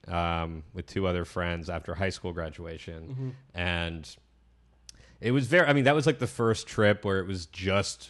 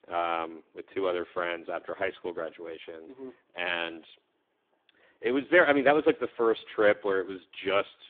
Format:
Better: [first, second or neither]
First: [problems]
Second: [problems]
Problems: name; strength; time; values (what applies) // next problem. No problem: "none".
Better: first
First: none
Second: phone-call audio; poor line